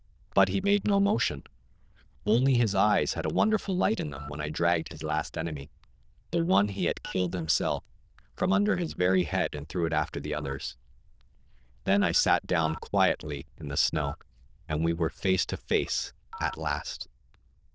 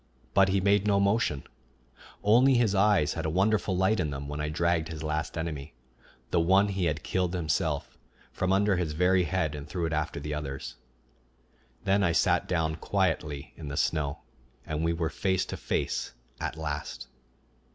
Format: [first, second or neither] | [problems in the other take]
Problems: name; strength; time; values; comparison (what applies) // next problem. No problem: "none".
second | noise reduction (neural diffusion model UNIVERSE++)